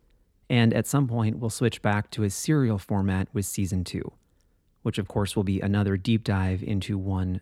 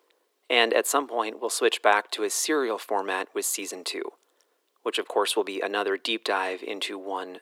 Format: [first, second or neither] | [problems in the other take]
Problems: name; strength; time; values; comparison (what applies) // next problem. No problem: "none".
first | thin; very; fading below 350 Hz